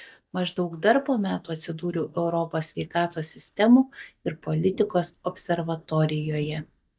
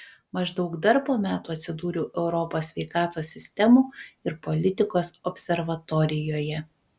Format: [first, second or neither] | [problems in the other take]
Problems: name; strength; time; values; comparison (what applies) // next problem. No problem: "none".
second | noise reduction (neural mask model DeepFilterNet 3)